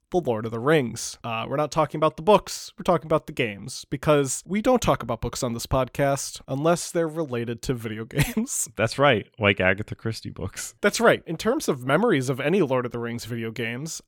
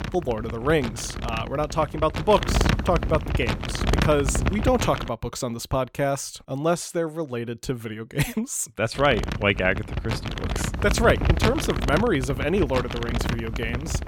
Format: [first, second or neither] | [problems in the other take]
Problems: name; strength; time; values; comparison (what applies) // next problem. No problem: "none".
first | wind noise on the microphone; heavy; until 5 s and from 9 s on; 6 dB below the speech